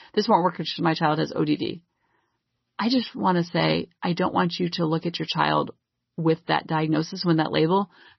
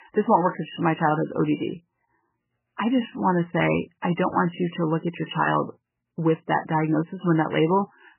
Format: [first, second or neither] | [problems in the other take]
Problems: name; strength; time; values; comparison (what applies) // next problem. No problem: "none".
first | garbled, watery; badly; nothing above 3 kHz; slightly in the first